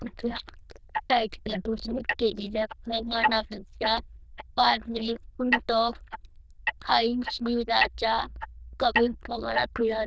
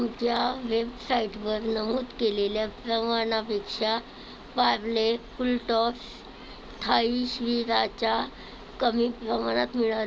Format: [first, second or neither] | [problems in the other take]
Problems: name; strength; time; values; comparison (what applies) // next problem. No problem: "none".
second | noise reduction (neural diffusion model UNIVERSE++)